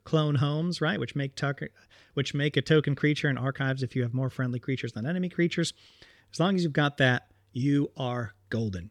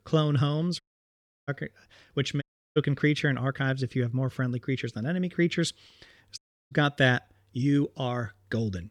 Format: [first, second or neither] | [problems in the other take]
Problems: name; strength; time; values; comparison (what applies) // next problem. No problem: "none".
first | audio cutting out; at 1 s for 0.5 s, at 2.5 s and at 6.5 s